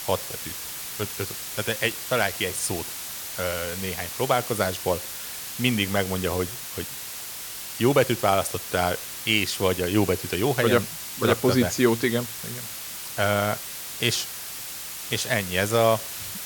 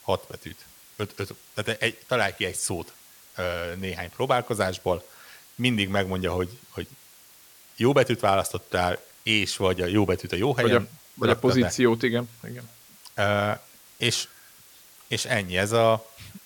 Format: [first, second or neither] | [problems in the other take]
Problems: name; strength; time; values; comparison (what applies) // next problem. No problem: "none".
second | hiss; loud; throughout; 7 dB below the speech; faint in the second